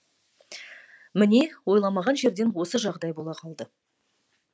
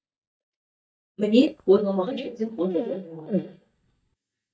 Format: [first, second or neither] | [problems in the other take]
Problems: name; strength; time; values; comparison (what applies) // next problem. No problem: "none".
first | noise reduction (neural mask model DeepFilterNet 3)